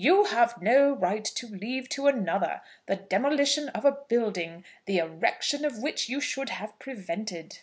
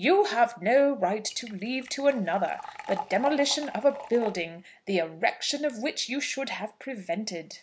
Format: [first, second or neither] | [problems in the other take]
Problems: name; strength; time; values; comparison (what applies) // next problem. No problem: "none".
first | background sound (Liquid); 12 dB below the speech